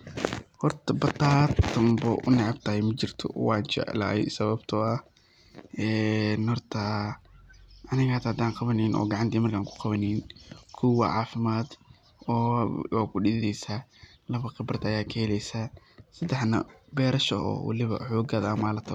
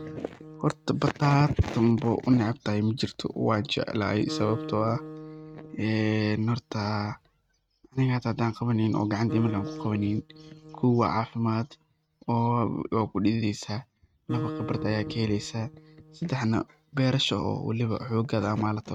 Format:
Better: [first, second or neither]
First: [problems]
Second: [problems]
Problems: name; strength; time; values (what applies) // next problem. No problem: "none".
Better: first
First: none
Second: noise reduction (neural mask model RNNoise)